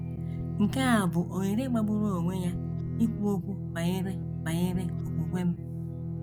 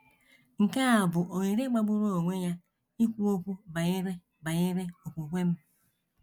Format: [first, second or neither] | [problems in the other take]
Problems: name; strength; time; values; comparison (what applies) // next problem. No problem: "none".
second | background sound (Guitar); 3 dB below the speech